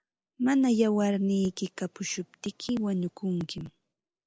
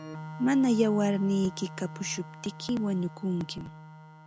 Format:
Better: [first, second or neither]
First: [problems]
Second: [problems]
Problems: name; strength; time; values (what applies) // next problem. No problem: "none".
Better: first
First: none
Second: background sound (Organ); 14 dB below the speech